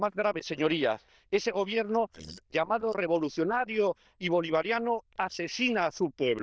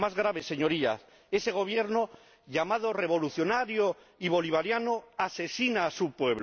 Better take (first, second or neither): second